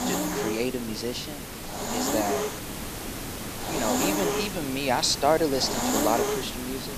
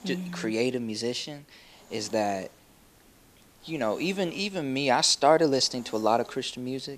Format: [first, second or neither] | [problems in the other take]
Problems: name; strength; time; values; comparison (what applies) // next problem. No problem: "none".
second | hiss; loud; throughout; 2 dB below the speech; faint in the second